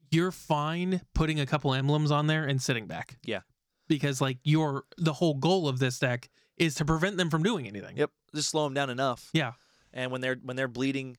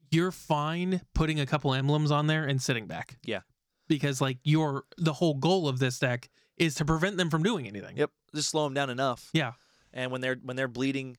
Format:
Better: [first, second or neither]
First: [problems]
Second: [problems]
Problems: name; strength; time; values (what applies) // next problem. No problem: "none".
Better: neither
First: none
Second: none